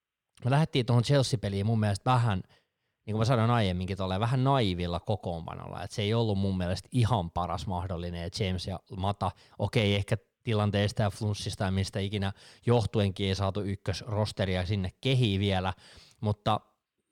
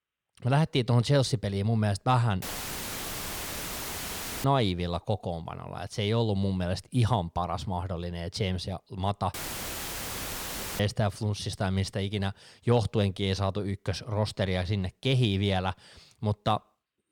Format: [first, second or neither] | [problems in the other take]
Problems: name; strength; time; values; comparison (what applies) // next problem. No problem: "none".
first | audio cutting out; filled with static; at 2.5 s for 2 s and at 9.5 s for 1.5 s